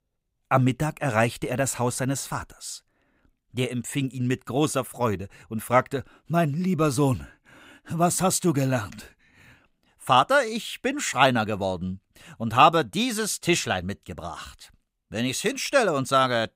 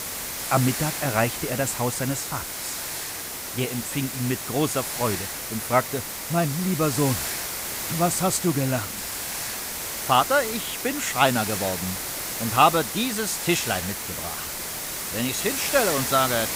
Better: first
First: none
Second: hiss; loud; throughout; 4 dB below the speech

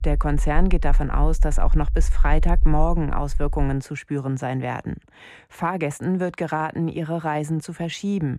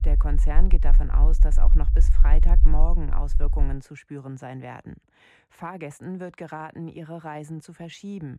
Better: first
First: low rumble; faint; until 3.5 s; 25 dB below the speech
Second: low rumble; loud; until 3.5 s; 10 dB below the speech

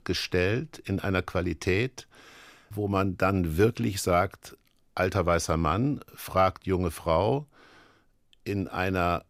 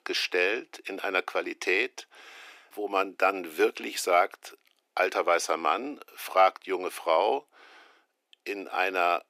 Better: first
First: none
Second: thin; very; fading below 350 Hz

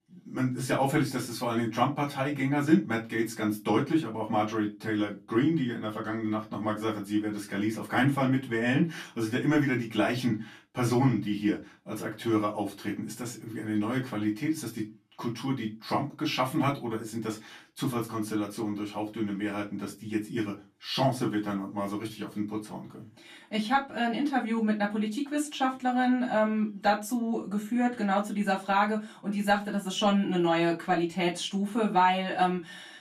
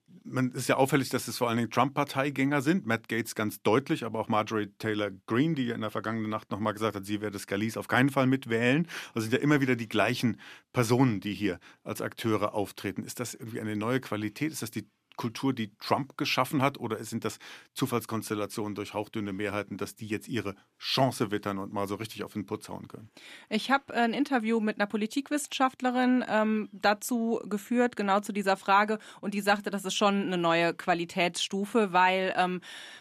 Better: second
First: off-mic speech; far // room echo; very slight; dies away in 0.2 s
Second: none

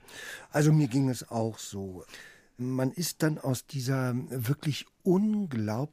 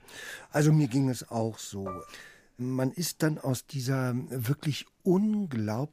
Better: first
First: none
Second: clattering dishes; faint; at 2 s; peak 15 dB below the speech

